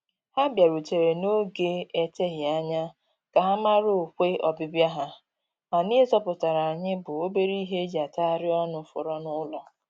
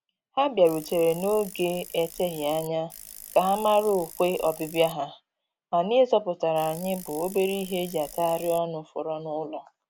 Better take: first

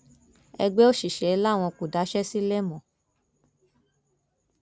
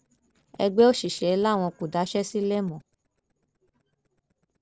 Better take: first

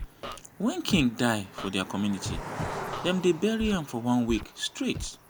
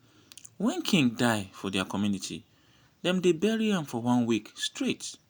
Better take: second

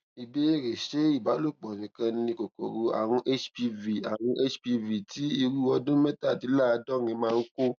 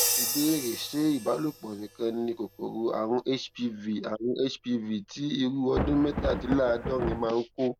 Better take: first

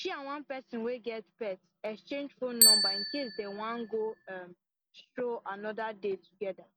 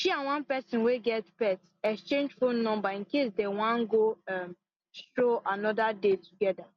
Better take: second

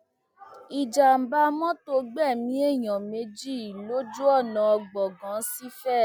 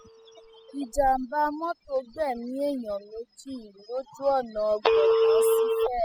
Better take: first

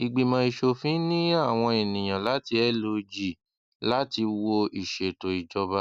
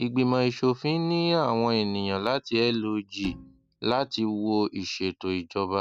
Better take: first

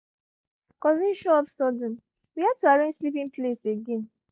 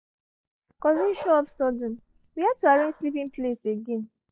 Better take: first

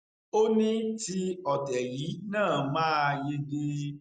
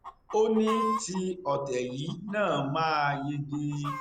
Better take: first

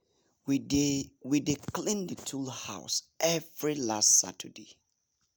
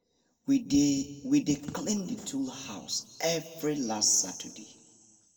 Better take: first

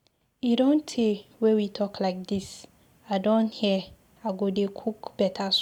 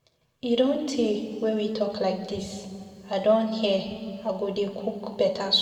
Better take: first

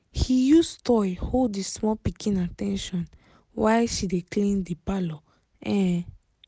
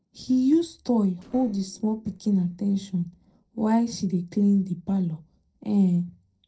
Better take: first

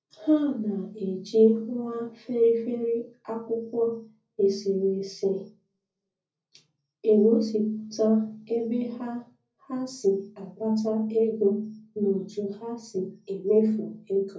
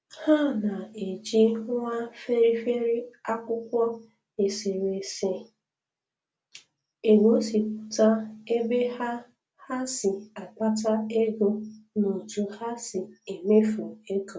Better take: second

